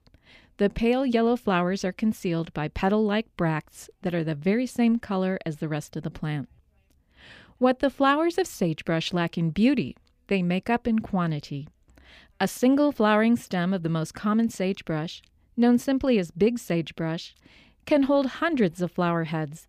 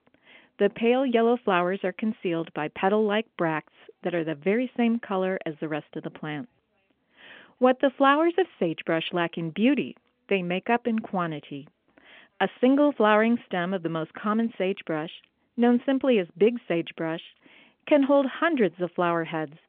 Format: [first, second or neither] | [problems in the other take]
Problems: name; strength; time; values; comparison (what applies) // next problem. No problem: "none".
first | phone-call audio